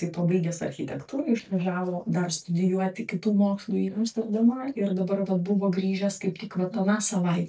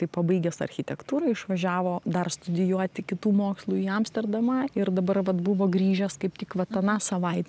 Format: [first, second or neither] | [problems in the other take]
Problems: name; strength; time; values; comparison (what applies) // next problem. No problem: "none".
second | noise reduction (neural mask model DeepFilterNet 3)